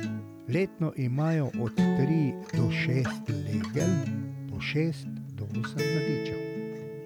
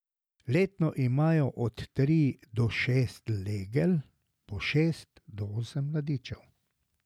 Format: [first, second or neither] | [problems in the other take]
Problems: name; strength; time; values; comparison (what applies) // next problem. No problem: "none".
second | background sound (Acoustic guitar); 1 dB below the speech